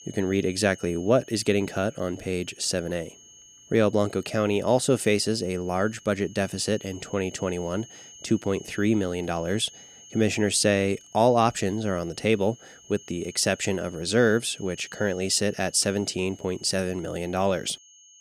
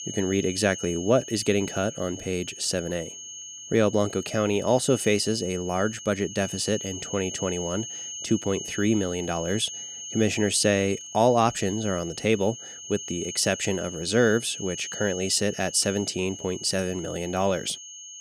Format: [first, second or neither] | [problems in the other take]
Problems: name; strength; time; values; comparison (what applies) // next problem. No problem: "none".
first | high-pitched whine; loud; throughout; 6.5 kHz, 10 dB below the speech; faint in the first